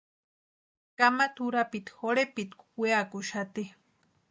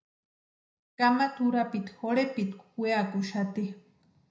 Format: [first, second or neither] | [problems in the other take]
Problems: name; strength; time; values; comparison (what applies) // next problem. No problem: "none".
first | room echo; dies away in 0.5 s